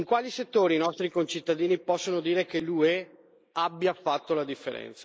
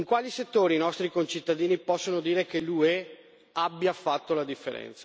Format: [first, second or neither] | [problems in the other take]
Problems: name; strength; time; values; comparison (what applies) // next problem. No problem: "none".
second | noise reduction (neural mask model Resemble Enhance denoiser)